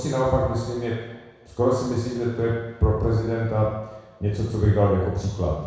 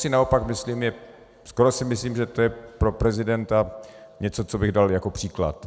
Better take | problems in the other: second | room echo; dies away in 1.1 s

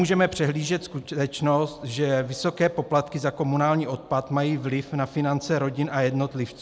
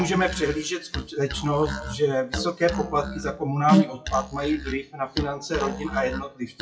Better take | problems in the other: first | noise reduction (classical method WPE with log-MMSE)

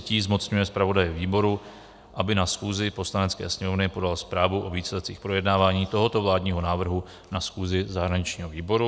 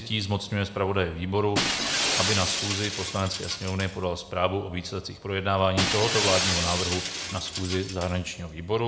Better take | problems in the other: first | background sound (Shatter); 3 dB below the speech // room echo; dies away in 1.6 s

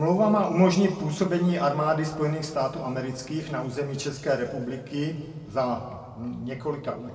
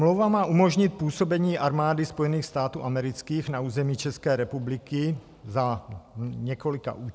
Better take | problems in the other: second | room echo; dies away in 1.6 s

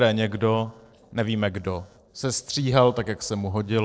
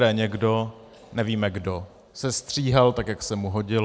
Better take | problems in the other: second | noise reduction (neural separator model SepFormer DNS4)

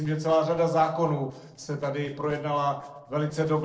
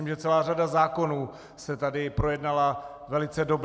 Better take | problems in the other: second | noise reduction (neural separator model SepFormer DNS4)

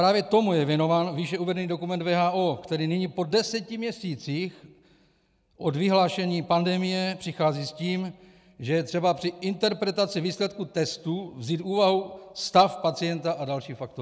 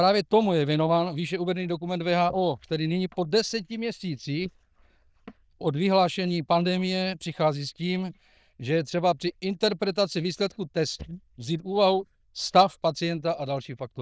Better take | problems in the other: first | noise reduction (neural diffusion model UNIVERSE++)

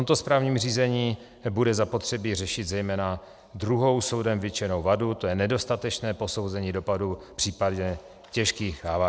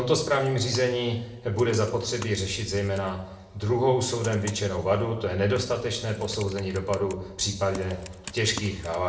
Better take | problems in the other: first | background sound (Computer keyboard); 20 dB below the speech // room echo; dies away in 0.7 s

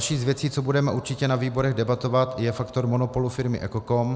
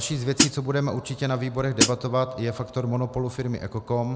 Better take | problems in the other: first | background sound (Hi-hat); 4 dB above the speech

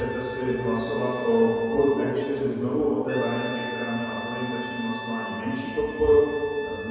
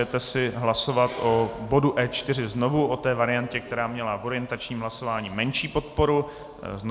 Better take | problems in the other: second | background sound (Brass instrument); 12 dB below the speech // room echo; dies away in 2.2 s

